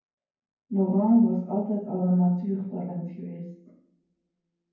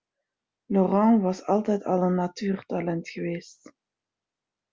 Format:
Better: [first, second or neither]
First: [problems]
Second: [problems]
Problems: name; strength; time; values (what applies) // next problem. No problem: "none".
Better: second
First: room echo; dies away in 0.9 s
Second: none